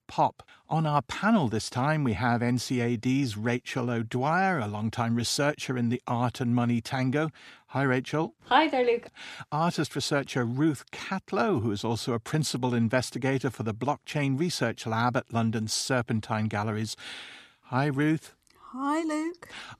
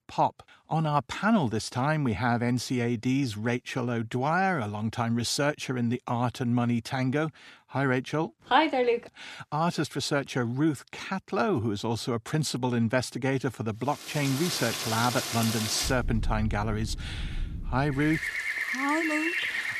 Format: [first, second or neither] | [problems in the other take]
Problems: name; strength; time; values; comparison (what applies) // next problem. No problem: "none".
first | rain or running water; loud; from 14 s on; 3 dB below the speech